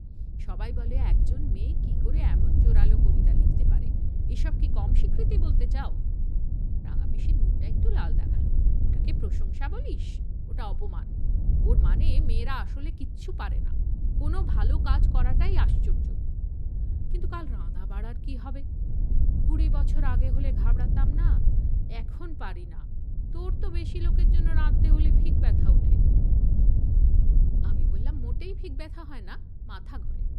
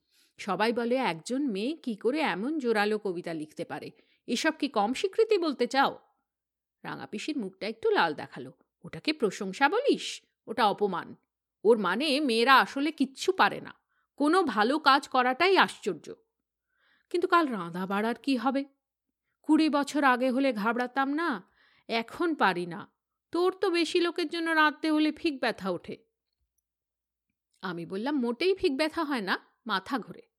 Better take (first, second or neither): second